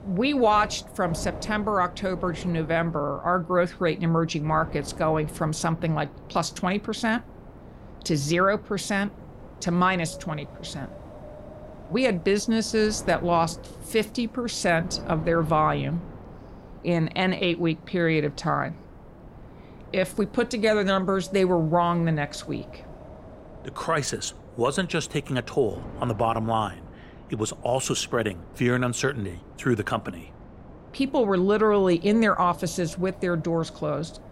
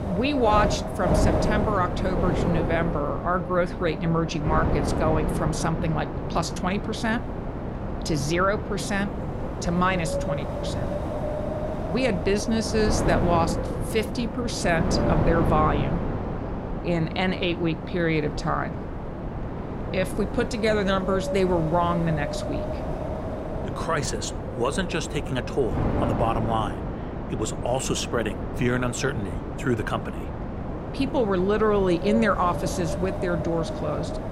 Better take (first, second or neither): first